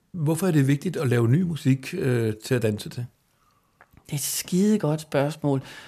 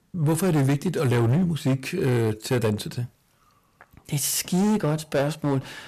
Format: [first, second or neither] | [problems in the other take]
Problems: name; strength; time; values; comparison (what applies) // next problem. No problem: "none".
first | distortion; slight; 12% of the sound clipped